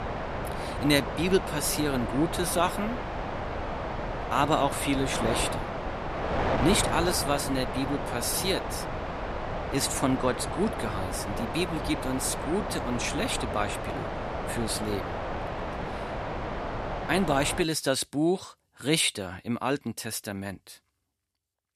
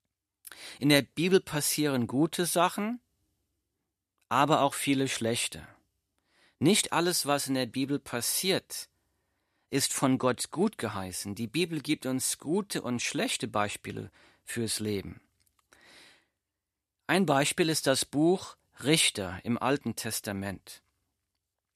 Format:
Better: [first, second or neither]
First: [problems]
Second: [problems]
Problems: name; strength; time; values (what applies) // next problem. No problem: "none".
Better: second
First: wind noise on the microphone; heavy; until 18 s; 3 dB below the speech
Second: none